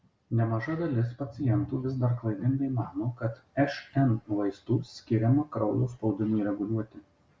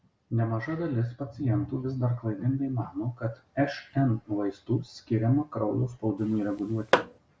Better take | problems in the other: first | background sound (Tap / Hammer); 1 dB below the speech

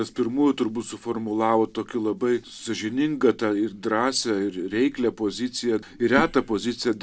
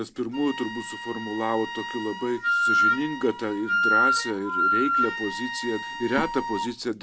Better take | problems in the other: first | background sound (Wind instrument, woodwind instrument); 2 dB above the speech

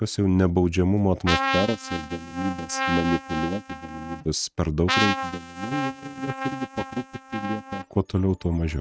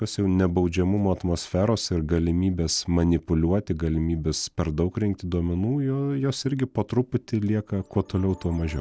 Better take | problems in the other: second | noise reduction (neural mask model RNNoise)

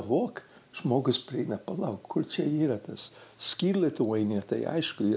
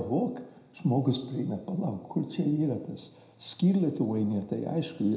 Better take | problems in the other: first | room echo; dies away in 0.8 s

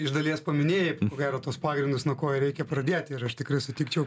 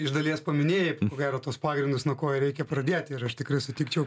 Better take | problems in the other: second | background sound (Engine); 19 dB below the speech

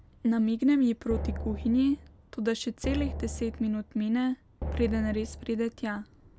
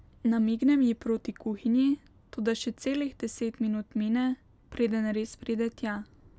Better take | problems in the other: second | background sound (Drum); 8 dB below the speech

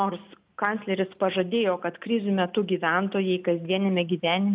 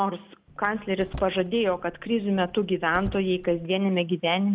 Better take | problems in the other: first | background sound (Car); 16 dB below the speech

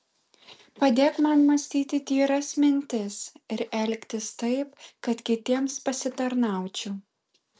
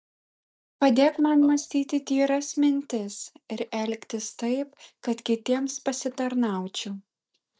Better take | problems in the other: first | noise reduction (neural mask model DeepFilterNet 3)

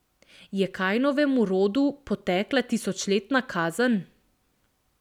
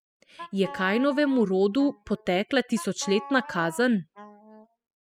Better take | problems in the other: first | noise reduction (classical method spectral subtraction)

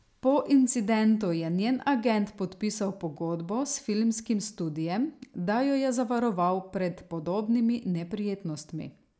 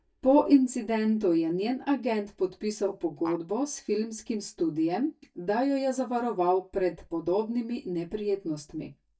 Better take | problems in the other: first | noise reduction (neural mask model DeepFilterNet 3)

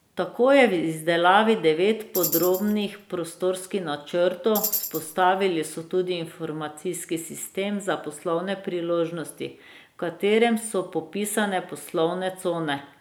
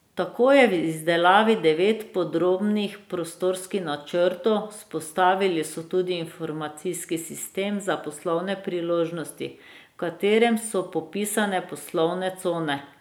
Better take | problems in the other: second | background sound (Tambourine); 8 dB below the speech

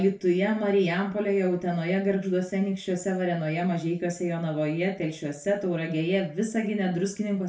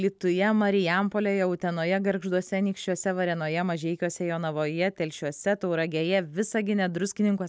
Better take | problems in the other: second | room echo; dies away in 0.3 s

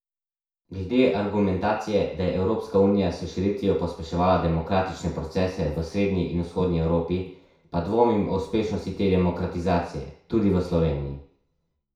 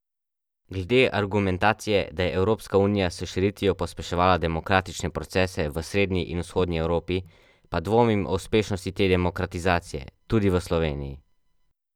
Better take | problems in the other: second | room echo; dies away in 0.6 s

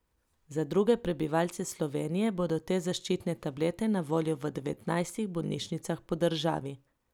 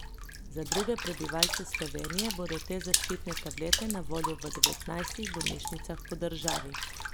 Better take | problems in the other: first | background sound (Water / Splash, splatter); 3 dB above the speech

